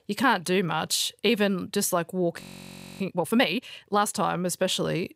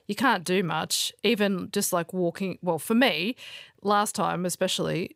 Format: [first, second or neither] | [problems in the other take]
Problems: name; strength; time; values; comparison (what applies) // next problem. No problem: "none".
second | audio freezing; at 2.5 s for 0.5 s